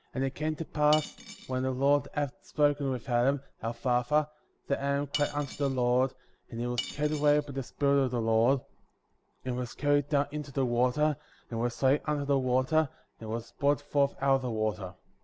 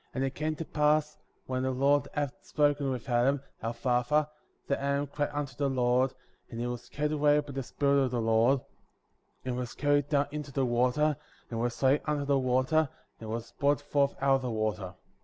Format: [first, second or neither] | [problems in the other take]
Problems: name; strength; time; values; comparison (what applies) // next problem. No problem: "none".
second | background sound (Cutlery, silverware / Dishes, pots, and pans); 11 dB below the speech